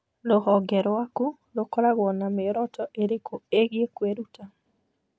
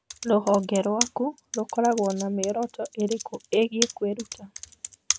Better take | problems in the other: first | background sound (Computer keyboard); 9 dB below the speech

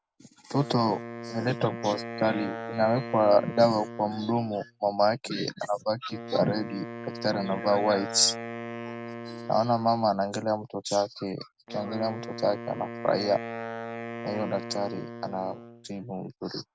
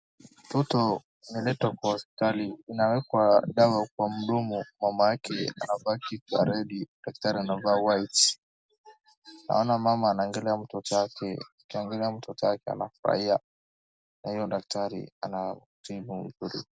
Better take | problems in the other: second | background sound (Wind instrument, woodwind instrument); 11 dB below the speech

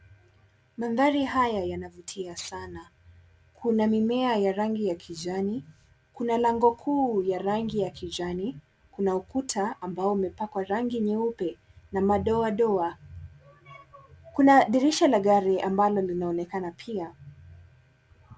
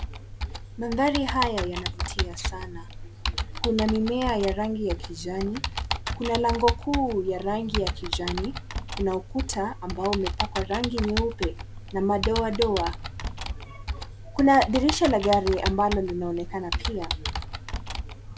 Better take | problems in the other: first | background sound (Computer keyboard); 4 dB below the speech

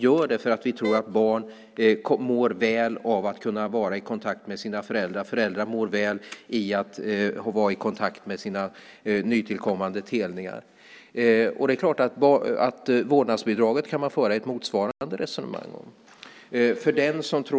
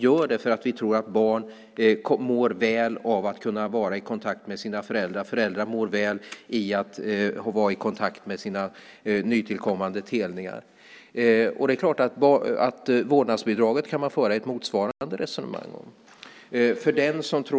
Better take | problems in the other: second | background sound (Wind instrument, woodwind instrument); 11 dB below the speech

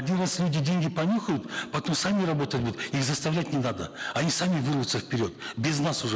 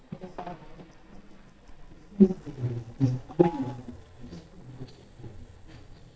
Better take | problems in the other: first | noise reduction (neural mask model DeepFilterNet 3)

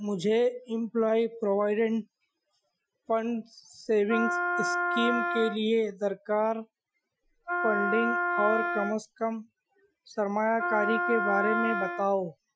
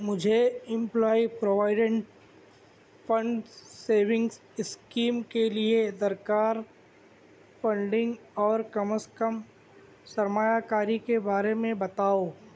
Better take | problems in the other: second | noise reduction (classical method Wiener filter)

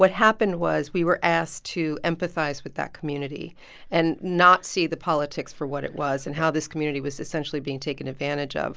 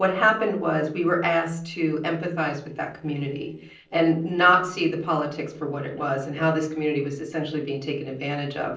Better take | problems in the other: first | noise reduction (neural separator model SepFormer DNS4)

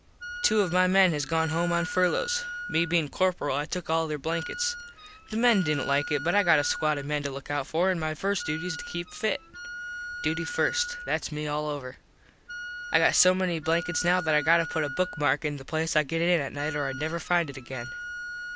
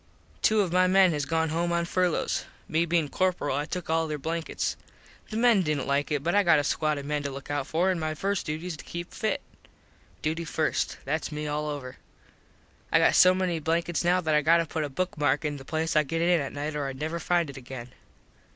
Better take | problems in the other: second | background sound (Wind instrument, woodwind instrument); 11 dB below the speech

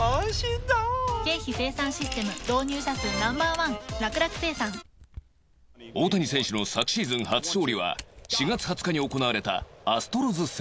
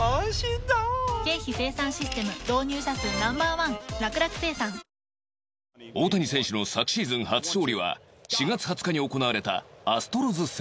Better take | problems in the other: second | background sound (Camera); 20 dB below the speech

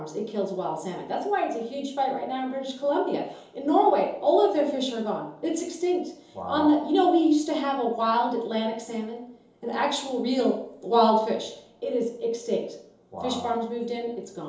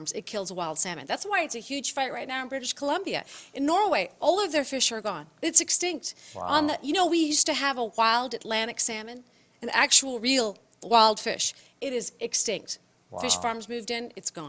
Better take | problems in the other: second | room echo; dies away in 2.8 s

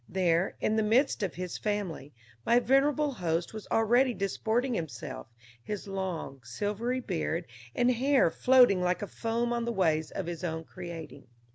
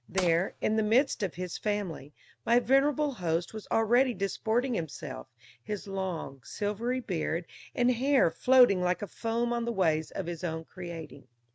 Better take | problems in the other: first | noise reduction (neural mask model RNNoise)

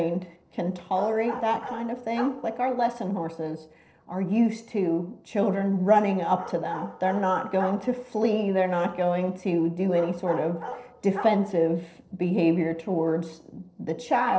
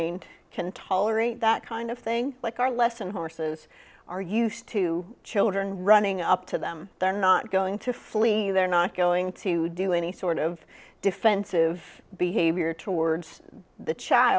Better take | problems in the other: second | noise reduction (neural separator model SepFormer DNS4)

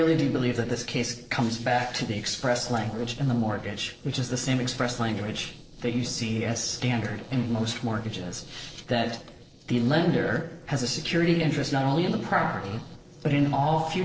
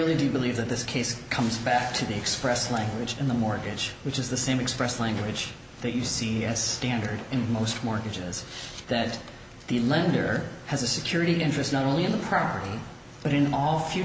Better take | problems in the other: second | noise reduction (neural separator model SepFormer DNS4)

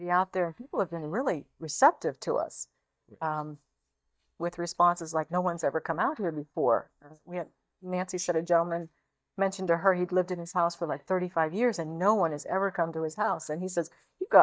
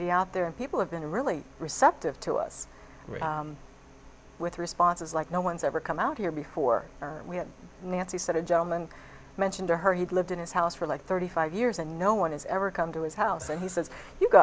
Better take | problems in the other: second | noise reduction (neural mask model DeepFilterNet 3)

